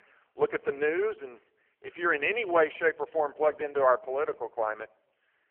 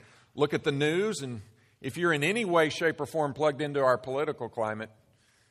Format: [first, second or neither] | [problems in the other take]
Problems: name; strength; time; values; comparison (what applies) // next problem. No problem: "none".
second | phone-call audio; poor line; nothing above 3 kHz